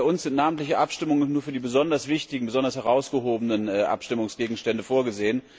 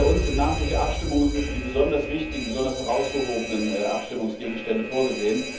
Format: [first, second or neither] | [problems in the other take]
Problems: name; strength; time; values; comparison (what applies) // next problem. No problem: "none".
first | background sound (Alarm); 4 dB below the speech // room echo; dies away in 0.7 s